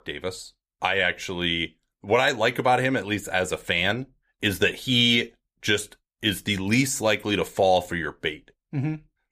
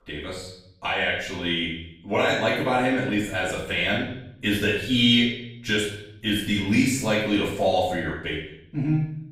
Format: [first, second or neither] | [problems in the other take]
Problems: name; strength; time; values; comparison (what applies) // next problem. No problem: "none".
first | off-mic speech; far // room echo; noticeable; dies away in 0.7 s